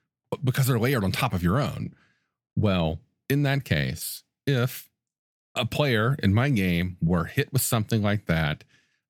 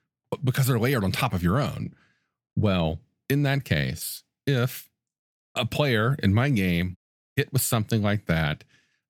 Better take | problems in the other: first | audio cutting out; at 7 s

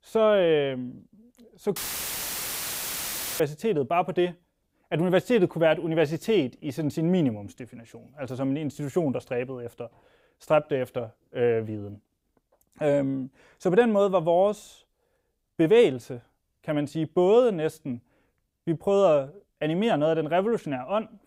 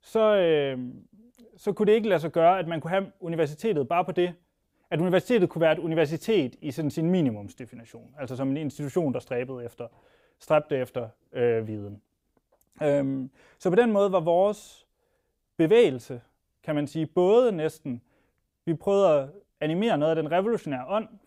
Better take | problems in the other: second | audio cutting out; filled with static; at 2 s for 1.5 s

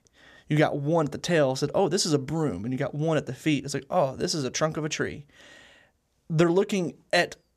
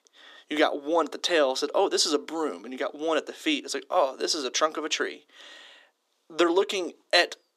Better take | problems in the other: first | thin; somewhat; fading below 300 Hz

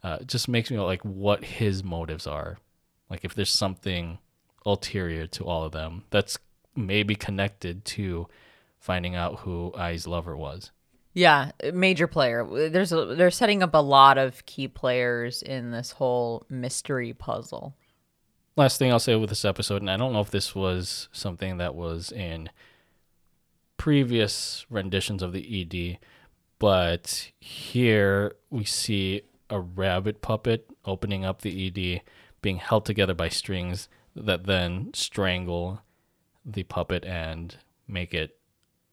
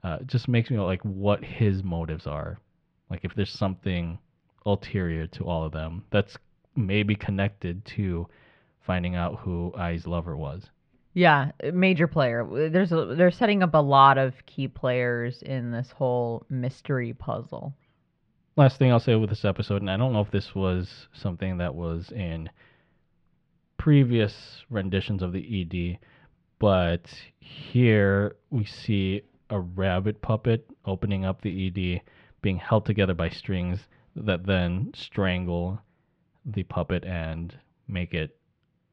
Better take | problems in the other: first | muffled; slightly; fading above 3 kHz

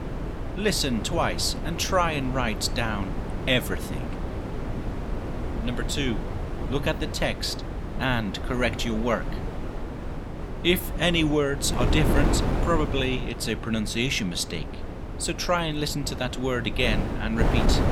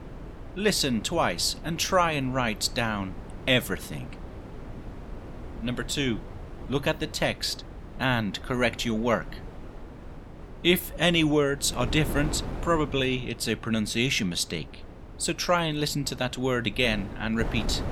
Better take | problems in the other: second | wind noise on the microphone; heavy; 9 dB below the speech; occasional gusts in the second

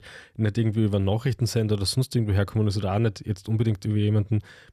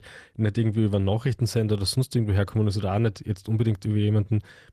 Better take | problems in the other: first | garbled, watery; slightly; nothing above 14 kHz

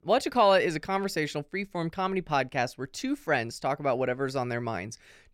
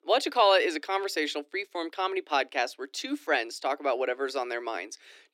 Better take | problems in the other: first | thin; somewhat; fading below 300 Hz

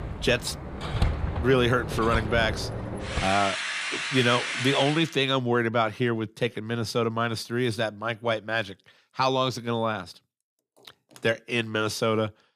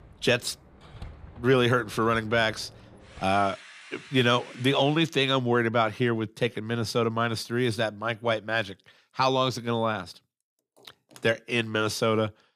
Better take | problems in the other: second | machinery noise; loud; until 5 s; 4 dB below the speech; faint in the second

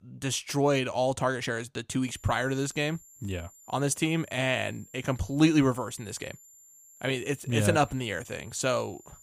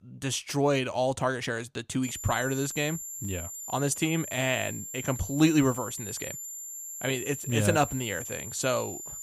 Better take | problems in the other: first | high-pitched whine; loud; from 2 s on; 7.5 kHz, 8 dB below the speech; faint in the first

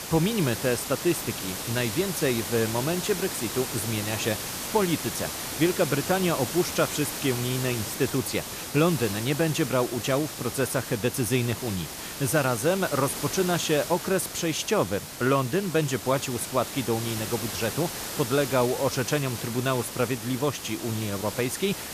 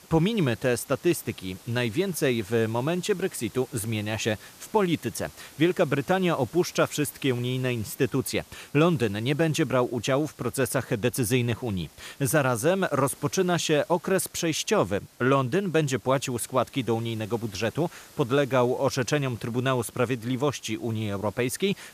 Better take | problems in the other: second | hiss; loud; throughout; 6 dB below the speech; faint in the second

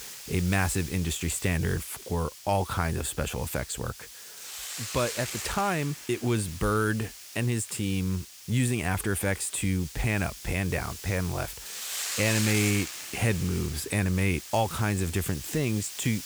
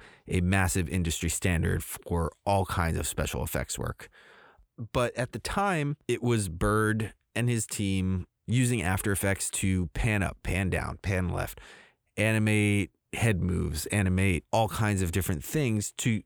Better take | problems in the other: second | hiss; loud; throughout; 8 dB below the speech

